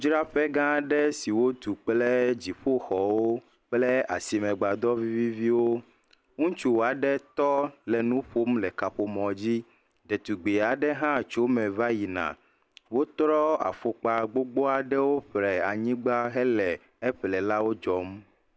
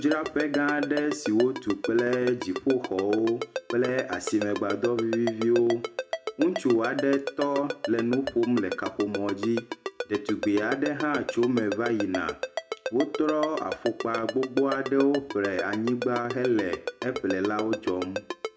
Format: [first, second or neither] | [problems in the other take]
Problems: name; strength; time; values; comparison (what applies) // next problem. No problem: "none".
first | background sound (Ringtone); 8 dB below the speech // room echo; dies away in 0.4 s